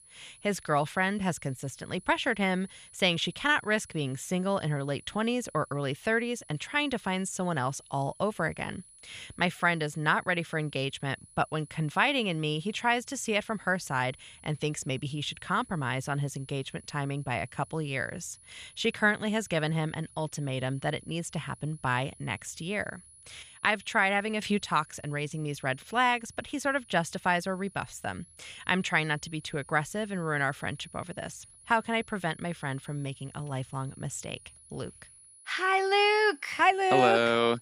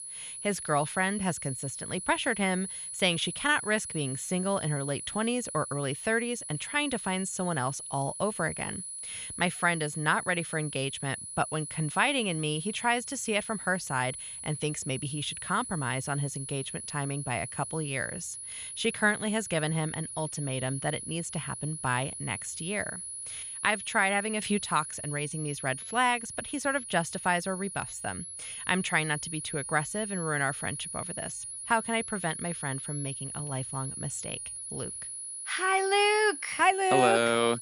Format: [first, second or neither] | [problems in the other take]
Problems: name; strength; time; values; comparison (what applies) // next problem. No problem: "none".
first | high-pitched whine; loud; throughout; 10.5 kHz, 7 dB below the speech; faint in the first